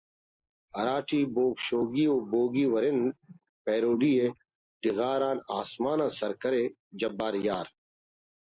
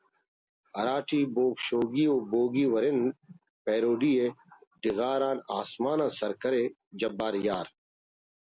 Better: second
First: noise reduction (neural mask model Resemble Enhance denoiser)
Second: none

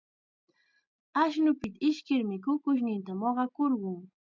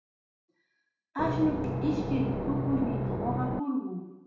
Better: first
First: none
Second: background sound (Engine / Boat, Water vehicle); 1 dB above the speech // room echo; dies away in 0.9 s

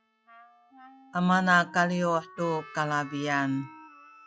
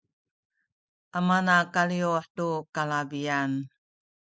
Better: second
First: noise reduction (classical method log-MMSE)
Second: none

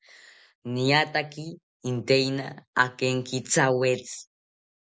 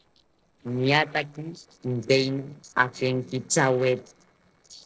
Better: first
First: none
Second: noise reduction (neural separator model SepFormer DNS4)

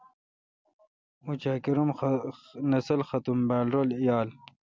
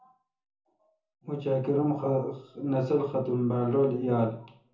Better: first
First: none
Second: room echo; dies away in 0.6 s

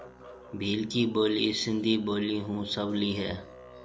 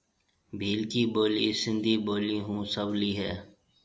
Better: second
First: background sound (Musical instrument); 20 dB below the speech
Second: none

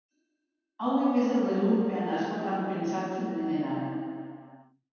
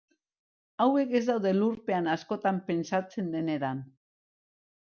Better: second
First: room echo; dies away in 2.1 s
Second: none

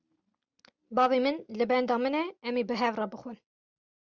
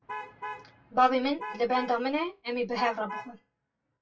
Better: first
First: none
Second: noise reduction (classical method WPE with log-MMSE)

